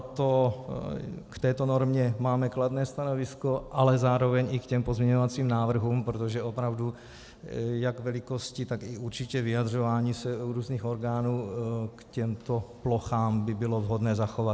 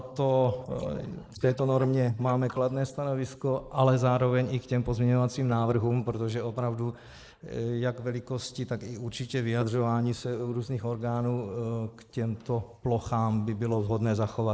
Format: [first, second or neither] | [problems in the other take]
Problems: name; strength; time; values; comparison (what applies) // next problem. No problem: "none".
first | noise reduction (neural mask model Resemble Enhance denoiser)